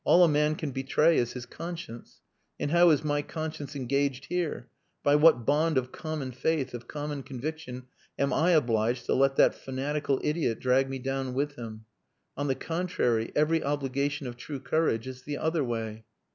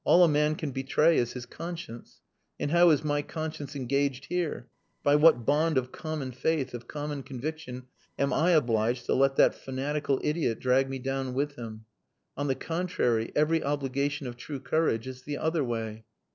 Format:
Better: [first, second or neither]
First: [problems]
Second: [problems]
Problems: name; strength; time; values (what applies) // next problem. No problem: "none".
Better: first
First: none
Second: noise reduction (neural separator model SepFormer DNS4)